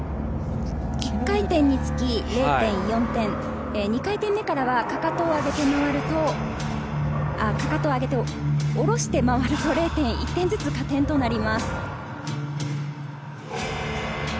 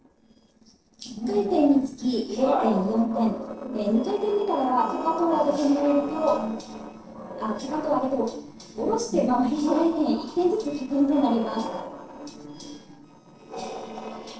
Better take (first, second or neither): first